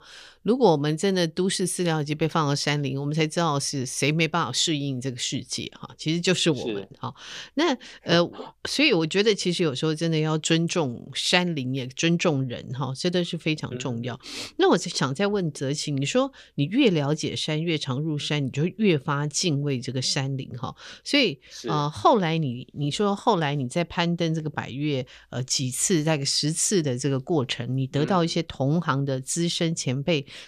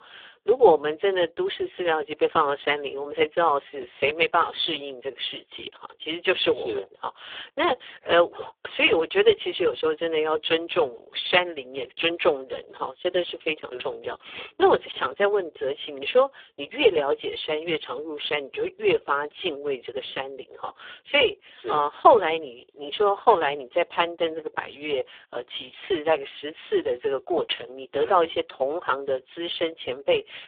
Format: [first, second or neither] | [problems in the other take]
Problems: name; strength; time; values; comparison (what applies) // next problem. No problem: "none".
first | phone-call audio; poor line